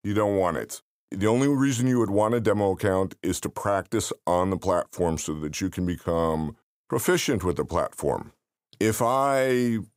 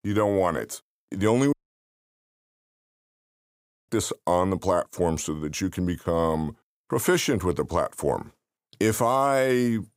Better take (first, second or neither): first